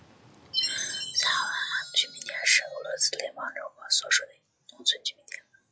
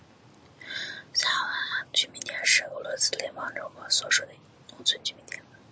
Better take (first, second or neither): second